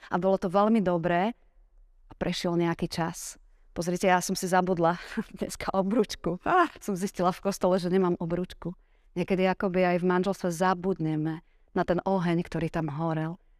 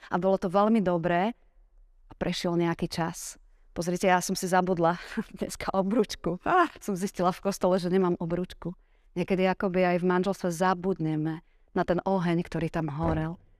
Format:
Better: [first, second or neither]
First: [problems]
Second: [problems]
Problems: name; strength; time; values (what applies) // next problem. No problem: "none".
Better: first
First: none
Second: door banging; noticeable; at 13 s; peak 8 dB below the speech